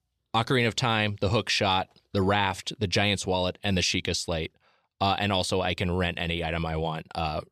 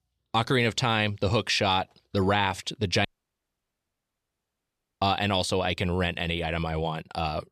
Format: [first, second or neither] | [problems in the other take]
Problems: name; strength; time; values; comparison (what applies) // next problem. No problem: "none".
first | audio cutting out; at 3 s for 2 s